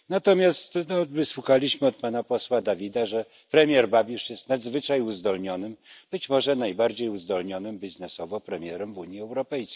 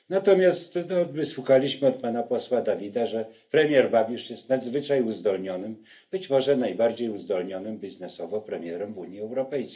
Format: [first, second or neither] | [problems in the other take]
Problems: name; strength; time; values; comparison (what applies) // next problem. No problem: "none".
first | room echo; dies away in 0.3 s